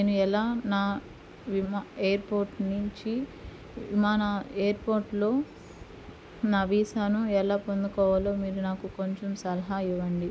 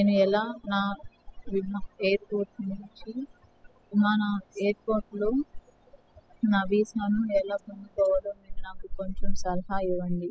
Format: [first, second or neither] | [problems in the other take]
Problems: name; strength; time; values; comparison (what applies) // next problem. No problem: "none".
first | noise reduction (classical method spectral subtraction)